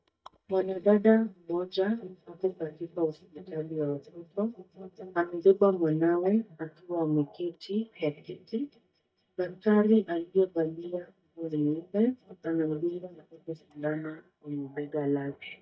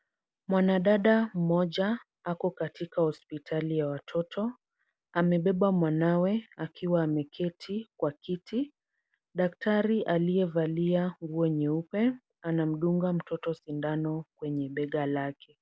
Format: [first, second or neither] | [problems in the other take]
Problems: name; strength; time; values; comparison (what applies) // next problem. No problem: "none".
second | noise reduction (neural mask model DeepFilterNet 3)